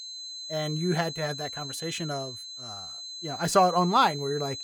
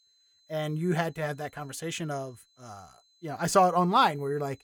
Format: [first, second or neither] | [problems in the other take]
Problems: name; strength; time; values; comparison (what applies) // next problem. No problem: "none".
second | high-pitched whine; loud; throughout; 4 kHz, 9 dB below the speech; faint in the second